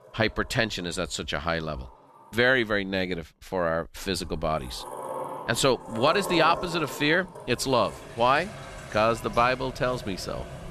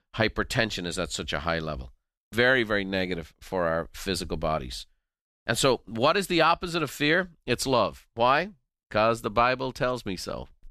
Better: second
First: household noises; noticeable; throughout; 10 dB below the speech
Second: none

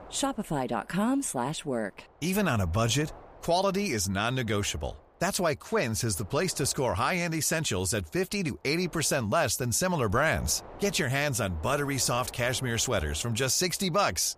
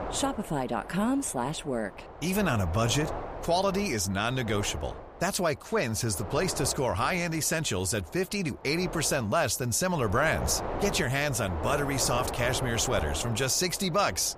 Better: first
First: wind noise on the microphone; occasional gusts; 20 dB below the speech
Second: wind noise on the microphone; heavy; 9 dB below the speech

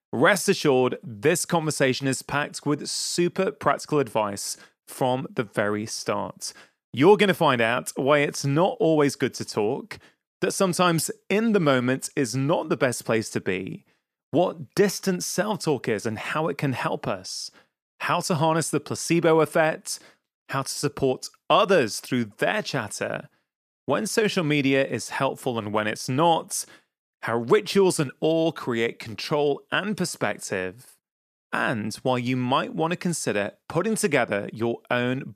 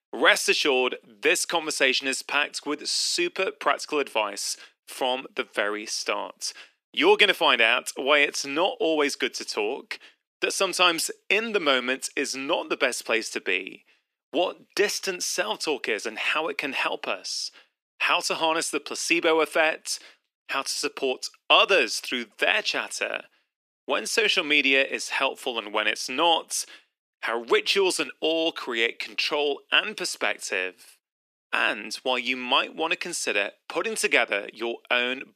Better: first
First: none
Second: thin; somewhat; fading below 300 Hz

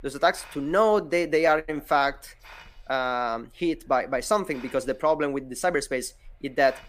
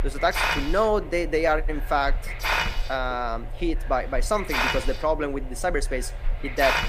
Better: first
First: hiss; faint; throughout; 25 dB below the speech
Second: hiss; loud; throughout; 3 dB below the speech

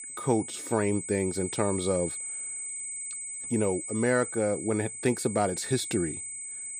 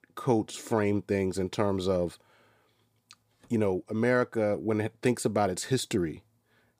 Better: second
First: high-pitched whine; loud; throughout; 8 kHz, 6 dB below the speech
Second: none

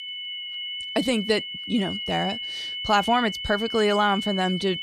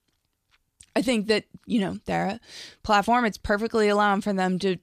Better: second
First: high-pitched whine; loud; throughout; 3 kHz, 6 dB below the speech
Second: none

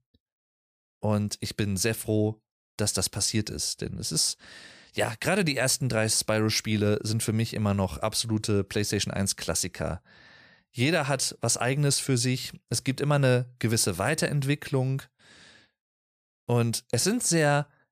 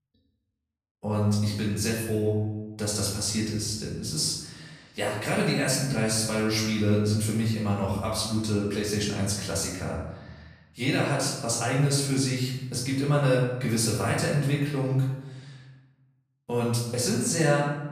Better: first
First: none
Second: room echo; noticeable; dies away in 0.9 s // off-mic speech; far

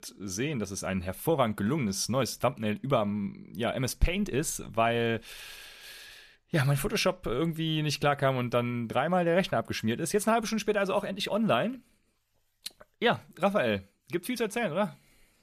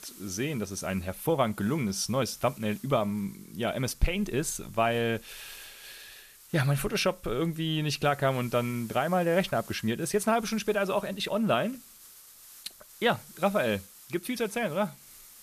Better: first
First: none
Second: hiss; faint; throughout; 20 dB below the speech

